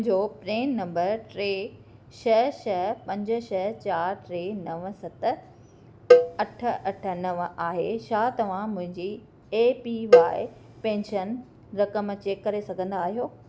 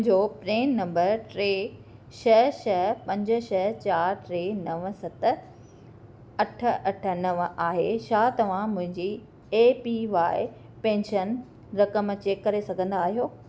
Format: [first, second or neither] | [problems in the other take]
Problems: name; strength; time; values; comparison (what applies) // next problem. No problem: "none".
second | background sound (Cowbell); 5 dB above the speech